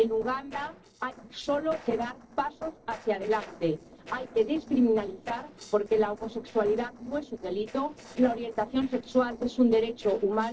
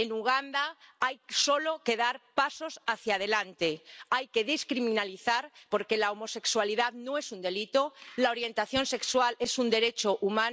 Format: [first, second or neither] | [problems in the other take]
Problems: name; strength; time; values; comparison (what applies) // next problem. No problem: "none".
second | noise reduction (neural separator model SepFormer DNS4)